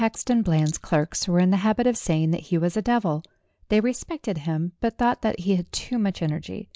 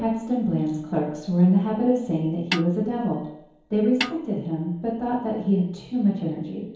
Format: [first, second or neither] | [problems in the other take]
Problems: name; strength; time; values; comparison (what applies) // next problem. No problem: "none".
first | background sound (Snare drum); 9 dB below the speech // room echo; dies away in 2.2 s